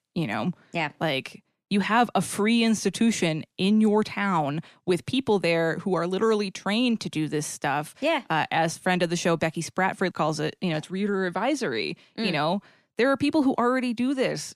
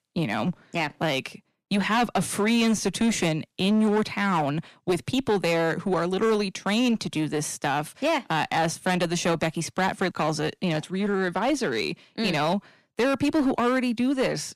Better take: first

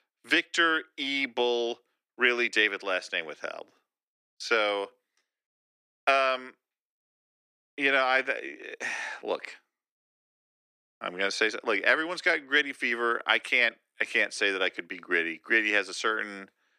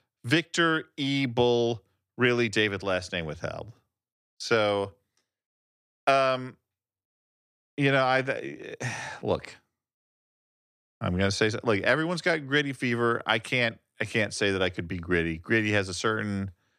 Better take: second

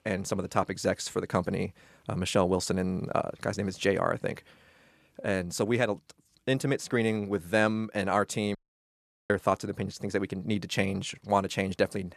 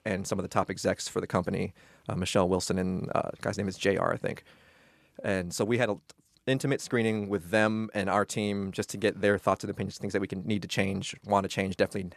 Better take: second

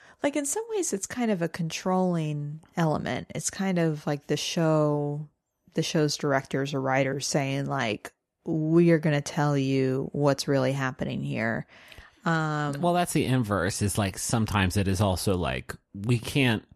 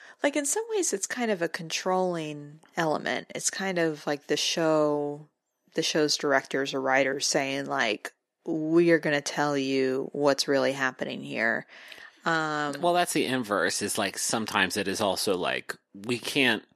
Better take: first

